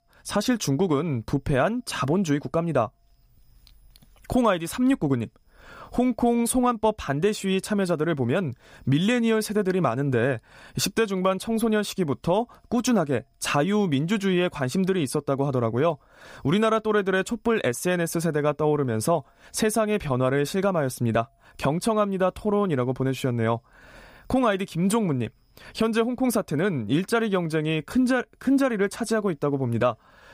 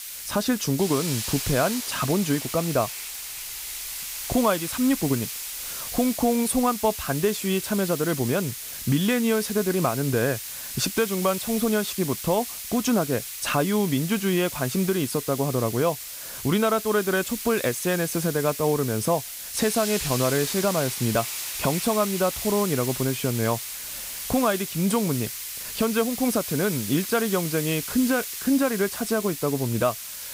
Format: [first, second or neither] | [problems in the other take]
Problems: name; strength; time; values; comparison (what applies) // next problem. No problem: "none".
first | hiss; loud; throughout; 6 dB below the speech